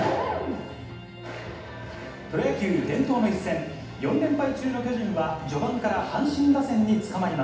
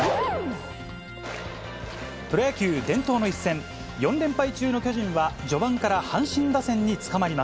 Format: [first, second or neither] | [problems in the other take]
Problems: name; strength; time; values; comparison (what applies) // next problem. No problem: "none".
second | room echo; dies away in 0.8 s